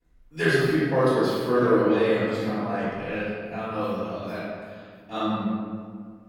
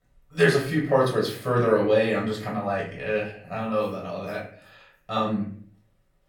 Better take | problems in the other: second | room echo; strong; dies away in 1.8 s; slight in the second // off-mic speech; far; far in the second

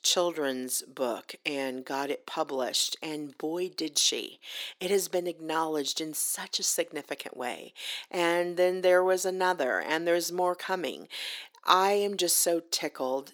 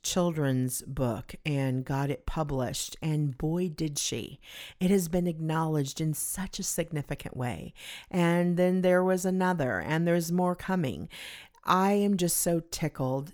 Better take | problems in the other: second | thin; very; fading below 300 Hz

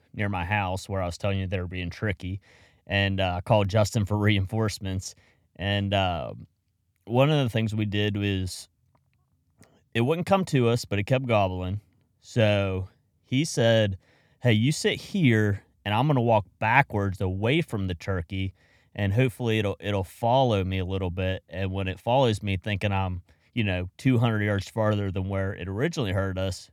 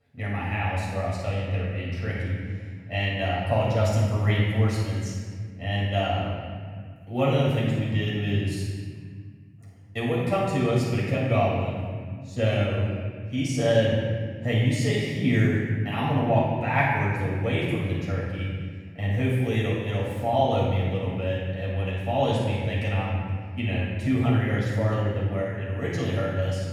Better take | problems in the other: first | off-mic speech; far // room echo; strong; dies away in 1.8 s

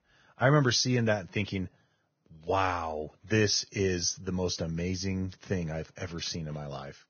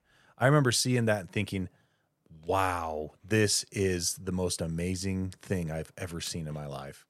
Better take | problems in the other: second | garbled, watery; badly; nothing above 6.5 kHz

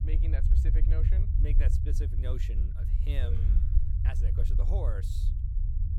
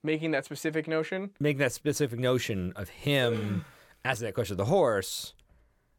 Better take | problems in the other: second | low rumble; loud; throughout; 2 dB below the speech

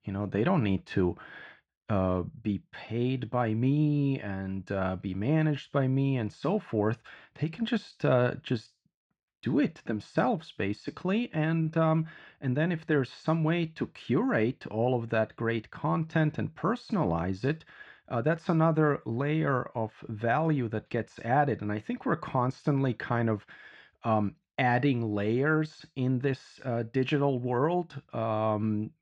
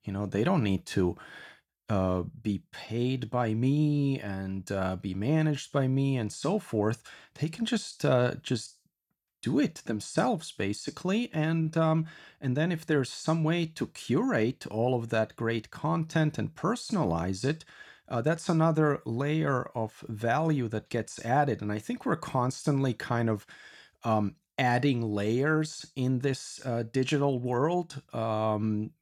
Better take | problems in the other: second | muffled; slightly; fading above 2.5 kHz

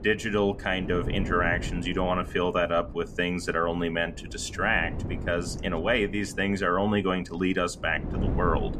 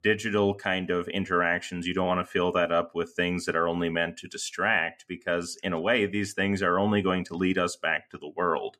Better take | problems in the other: second | wind noise on the microphone; occasional gusts; 15 dB below the speech

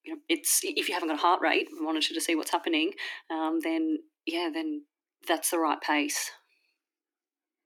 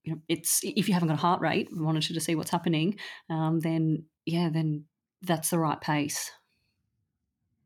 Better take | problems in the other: second | thin; somewhat; fading below 300 Hz

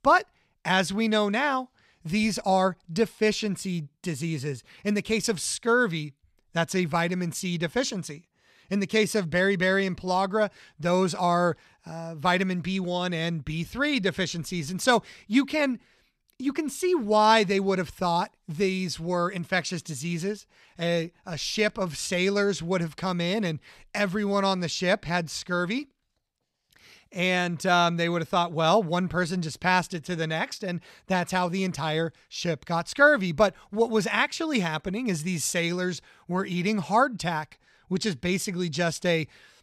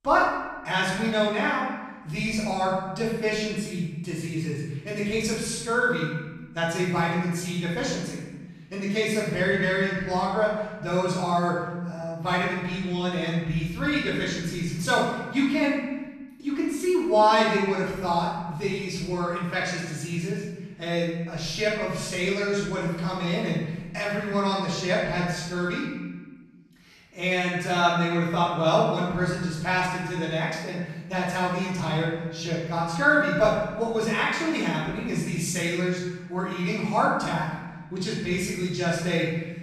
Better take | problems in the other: first | off-mic speech; far // room echo; strong; dies away in 1.2 s

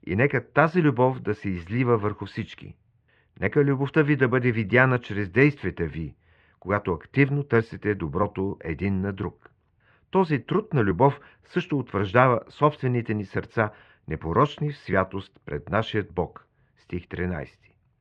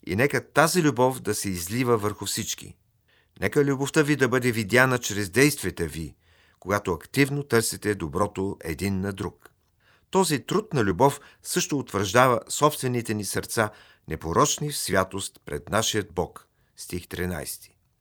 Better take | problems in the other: second | muffled; very; fading above 2.5 kHz

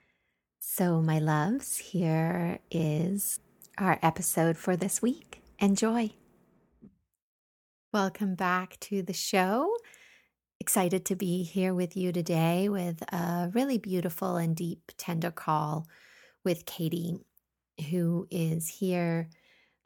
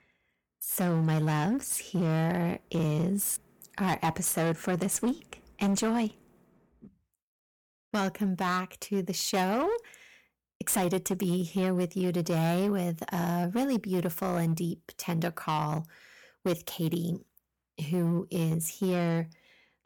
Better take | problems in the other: first | distortion; slight; 11% of the sound clipped

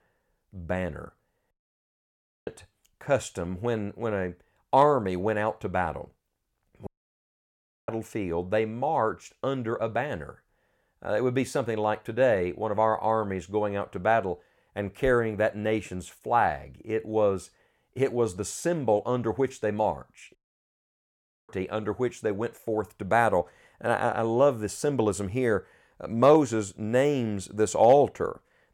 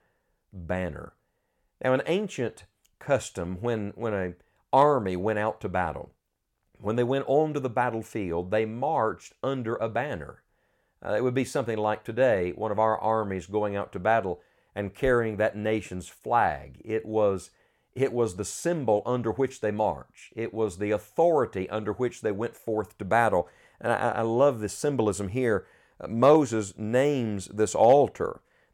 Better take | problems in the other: second | audio cutting out; at 1.5 s for 1 s, at 7 s for 1 s and at 20 s for 1 s

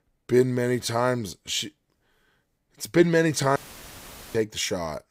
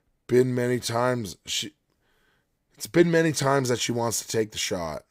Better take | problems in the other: second | audio cutting out; filled with static; at 3.5 s for 1 s

